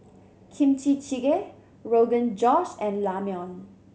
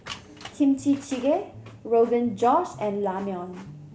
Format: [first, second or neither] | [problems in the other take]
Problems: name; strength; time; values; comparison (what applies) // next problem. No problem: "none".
first | background sound (Guitar + Printer); 19 dB below the speech